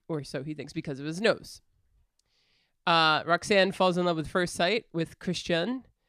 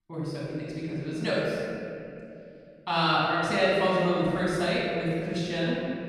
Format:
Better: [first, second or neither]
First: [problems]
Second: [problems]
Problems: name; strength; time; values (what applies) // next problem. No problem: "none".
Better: first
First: none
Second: off-mic speech; far // room echo; strong; dies away in 2.6 s